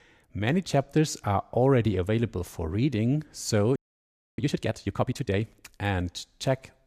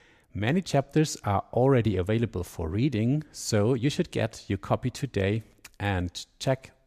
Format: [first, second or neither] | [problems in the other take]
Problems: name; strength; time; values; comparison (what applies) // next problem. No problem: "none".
second | audio freezing; at 4 s for 0.5 s